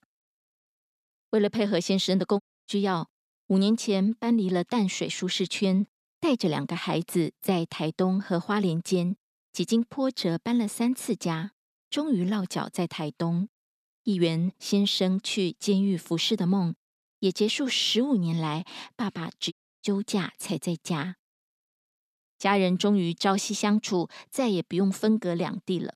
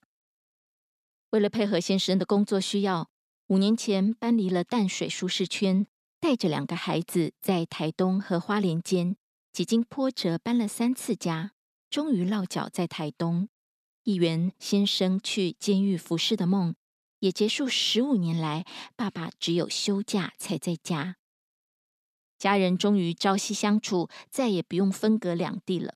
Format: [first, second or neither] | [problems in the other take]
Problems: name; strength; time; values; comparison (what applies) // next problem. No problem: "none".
second | audio cutting out; at 2.5 s and at 20 s